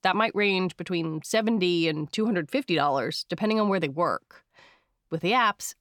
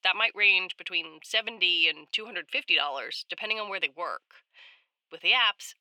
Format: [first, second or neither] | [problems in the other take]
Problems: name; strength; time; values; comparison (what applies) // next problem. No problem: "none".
first | thin; very; fading below 600 Hz